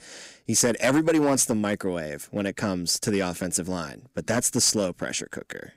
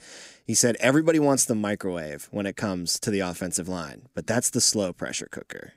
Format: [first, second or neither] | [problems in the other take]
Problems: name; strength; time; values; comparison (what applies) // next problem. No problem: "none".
second | distortion; slight; 3% of the sound clipped